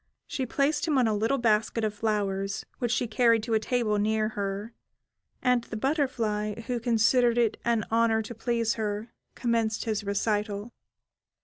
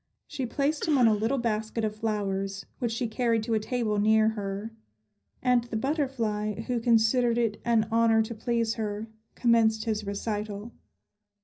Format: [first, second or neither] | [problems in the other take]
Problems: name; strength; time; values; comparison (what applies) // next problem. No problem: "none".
first | background sound (Cough); 18 dB below the speech // room echo; dies away in 0.4 s